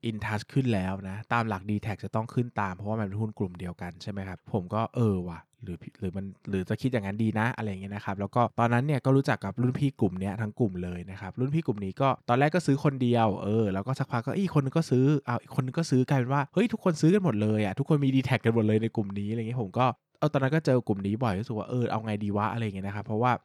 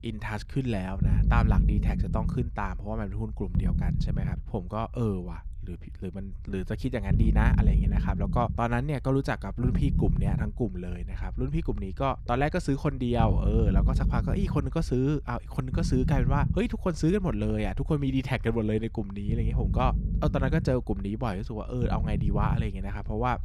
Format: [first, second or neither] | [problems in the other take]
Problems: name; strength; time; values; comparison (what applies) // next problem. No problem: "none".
first | low rumble; loud; throughout; 8 dB below the speech